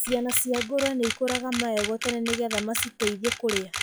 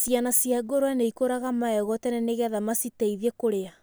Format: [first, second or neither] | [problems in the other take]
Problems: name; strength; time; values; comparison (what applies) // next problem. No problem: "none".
second | noise reduction (classical method log-MMSE)